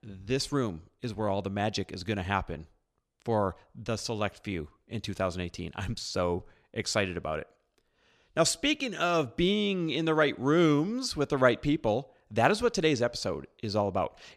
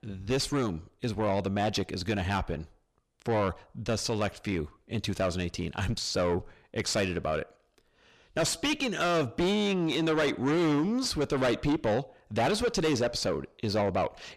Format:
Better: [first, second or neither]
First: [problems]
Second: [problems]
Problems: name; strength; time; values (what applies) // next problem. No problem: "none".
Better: first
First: none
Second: distortion; heavy; 6 dB below the speech